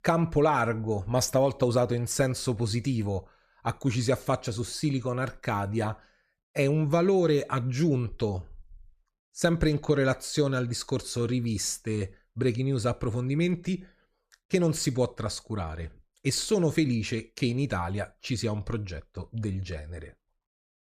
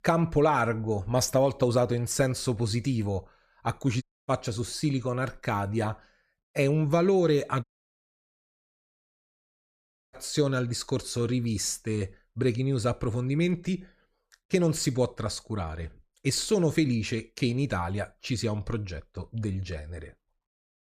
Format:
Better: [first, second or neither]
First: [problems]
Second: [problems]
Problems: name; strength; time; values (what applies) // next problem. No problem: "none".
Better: first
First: none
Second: audio cutting out; at 4 s and at 7.5 s for 2.5 s